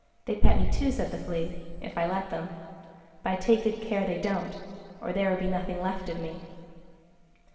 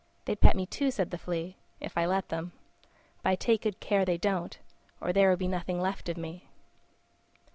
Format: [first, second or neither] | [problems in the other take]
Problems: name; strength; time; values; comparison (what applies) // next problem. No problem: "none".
second | room echo; dies away in 2.1 s